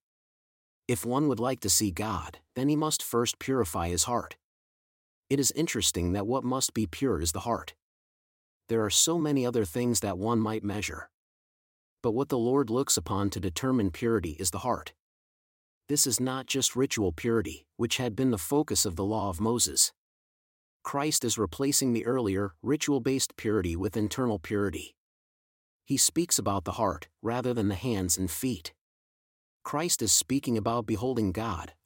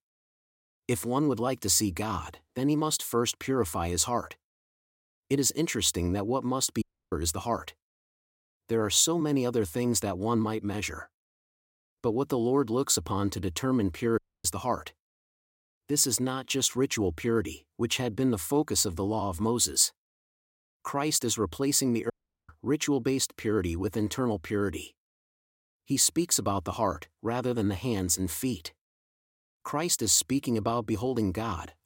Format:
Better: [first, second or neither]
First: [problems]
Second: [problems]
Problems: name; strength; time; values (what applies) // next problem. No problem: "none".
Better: first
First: none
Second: audio cutting out; at 7 s, at 14 s and at 22 s